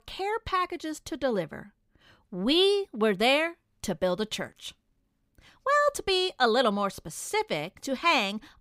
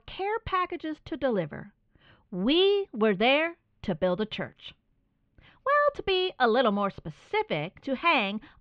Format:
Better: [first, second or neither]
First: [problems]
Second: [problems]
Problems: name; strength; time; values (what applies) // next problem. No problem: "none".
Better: first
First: none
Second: muffled; slightly; fading above 3 kHz